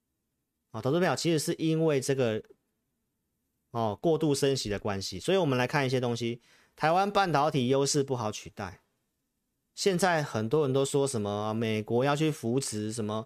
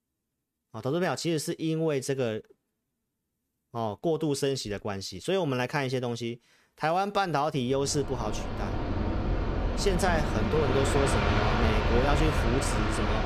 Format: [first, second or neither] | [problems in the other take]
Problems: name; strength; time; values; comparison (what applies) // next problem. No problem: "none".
first | train or aircraft noise; very loud; from 8 s on; as loud as the speech